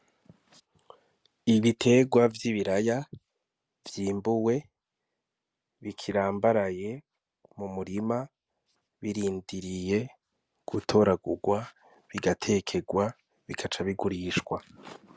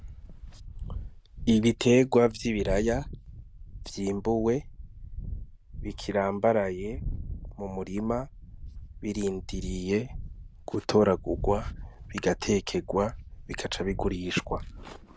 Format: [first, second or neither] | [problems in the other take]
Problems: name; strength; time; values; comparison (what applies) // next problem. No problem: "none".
first | background sound (Wind); 10 dB below the speech